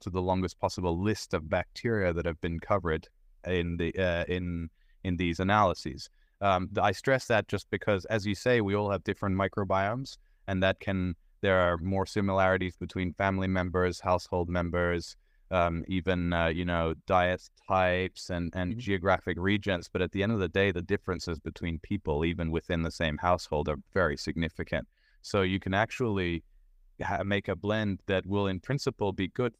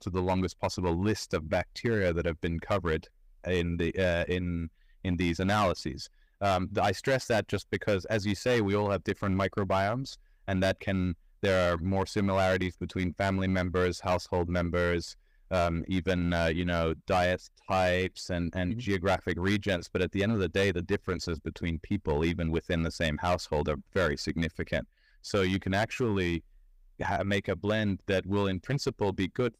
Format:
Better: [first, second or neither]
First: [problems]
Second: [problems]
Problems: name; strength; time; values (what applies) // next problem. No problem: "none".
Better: first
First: none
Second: distortion; slight; 6% of the sound clipped